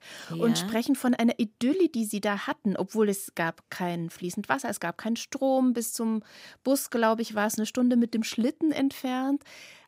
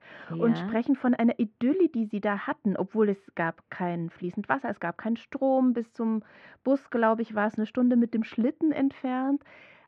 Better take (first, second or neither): first